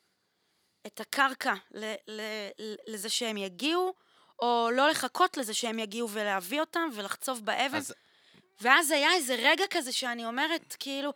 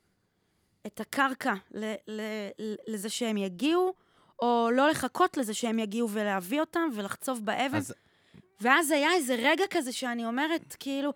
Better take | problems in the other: second | thin; very slightly; fading below 1 kHz

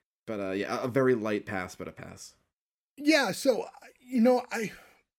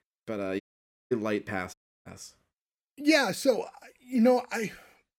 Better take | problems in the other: first | audio cutting out; at 0.5 s for 0.5 s and at 1.5 s

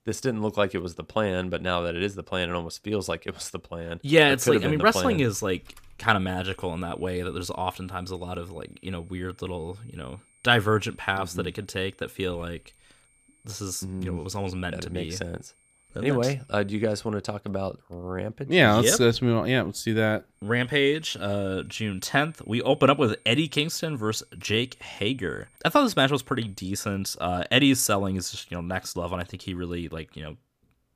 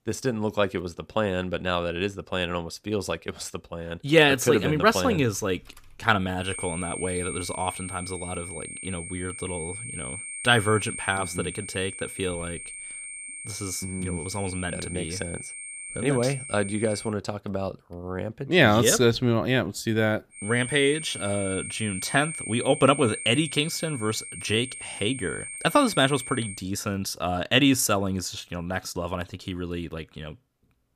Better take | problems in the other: first | high-pitched whine; loud; from 6.5 to 17 s and from 20 to 27 s; 8.5 kHz, 9 dB below the speech; faint in the first

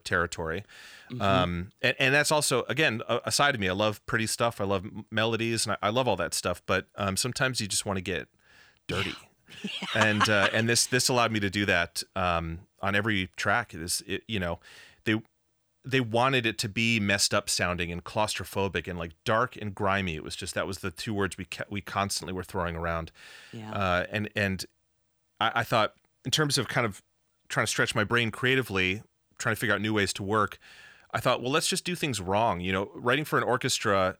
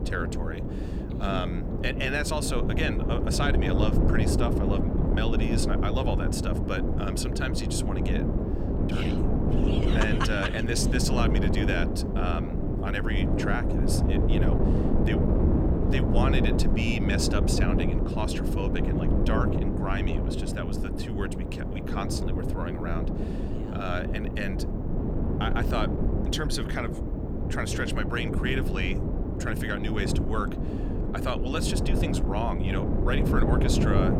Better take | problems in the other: first | wind noise on the microphone; heavy; 2 dB below the speech

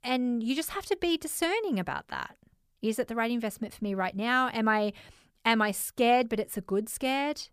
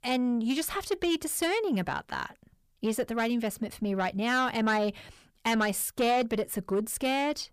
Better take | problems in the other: first | distortion; slight; 10 dB below the speech

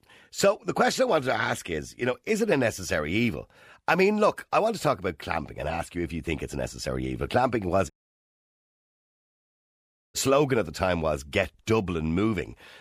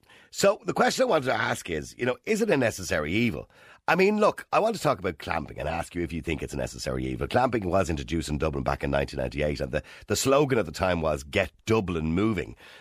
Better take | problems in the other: second | audio cutting out; at 8 s for 2 s

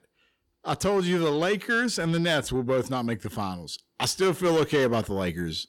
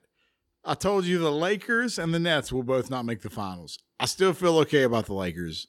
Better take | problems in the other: second | distortion; slight; 10 dB below the speech

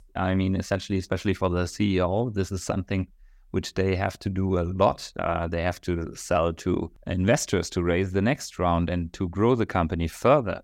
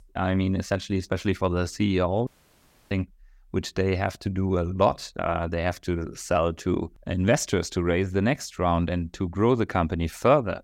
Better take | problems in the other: first | audio cutting out; at 2.5 s for 0.5 s

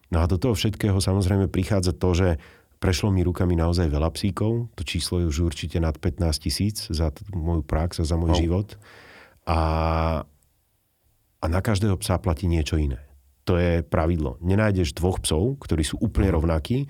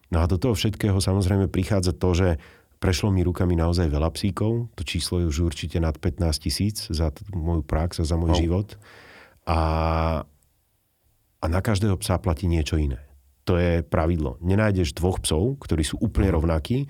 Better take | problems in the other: neither | none

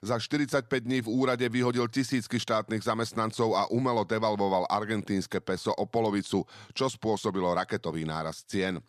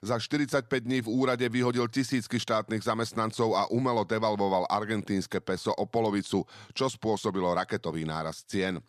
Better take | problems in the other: neither | none

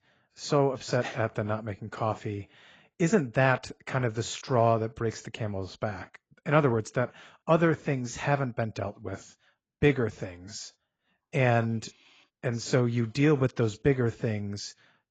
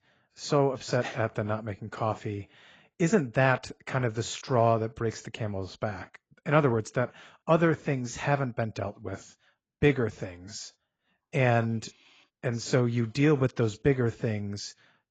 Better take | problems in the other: neither | garbled, watery; badly; nothing above 7.5 kHz; the same in both

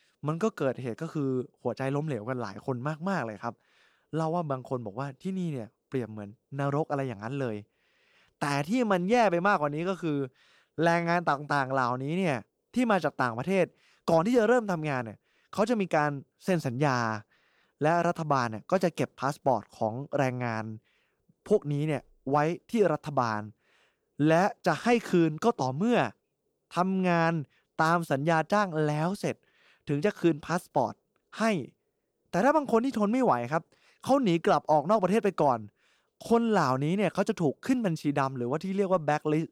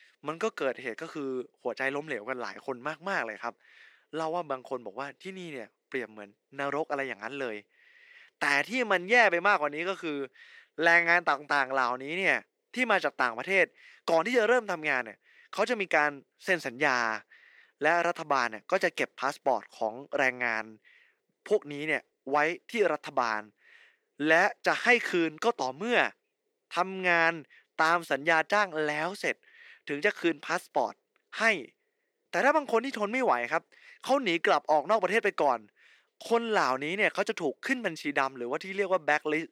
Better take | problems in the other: first | thin; somewhat; fading below 400 Hz

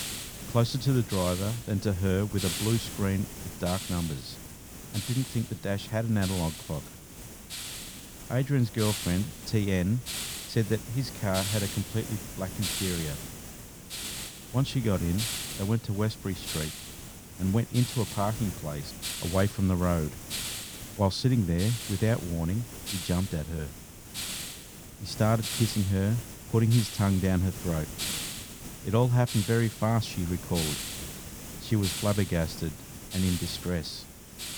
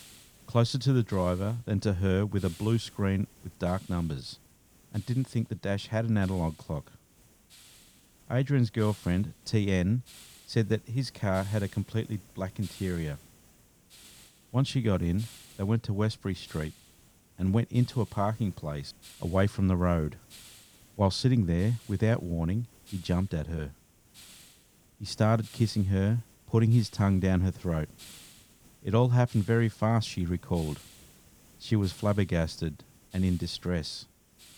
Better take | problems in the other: second | hiss; loud; throughout; 7 dB below the speech; faint in the second

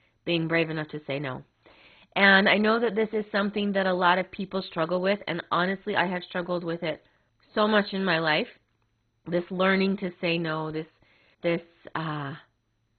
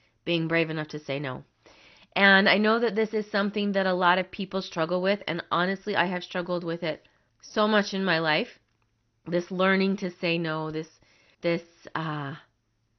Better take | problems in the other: second | garbled, watery; badly; nothing above 4 kHz; slightly in the second

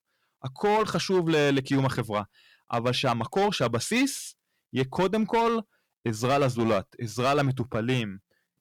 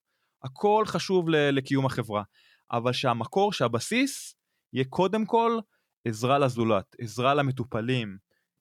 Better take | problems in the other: second | distortion; slight; 8% of the sound clipped

